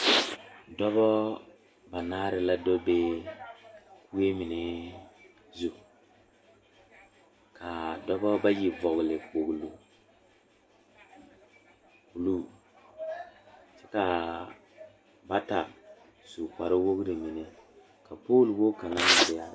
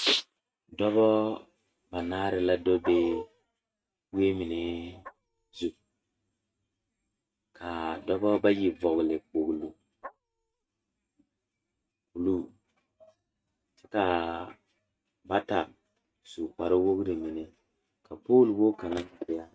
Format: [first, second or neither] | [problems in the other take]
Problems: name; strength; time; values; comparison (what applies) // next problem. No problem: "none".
first | noise reduction (neural mask model RNNoise)